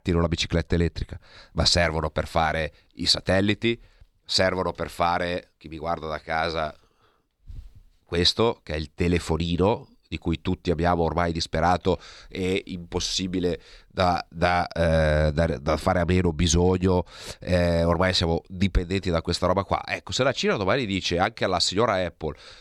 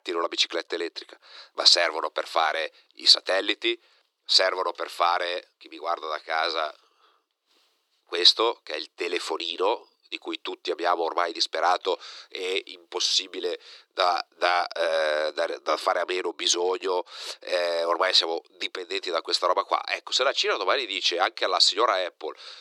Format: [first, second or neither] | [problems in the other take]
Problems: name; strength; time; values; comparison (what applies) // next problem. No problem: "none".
first | thin; very; fading below 350 Hz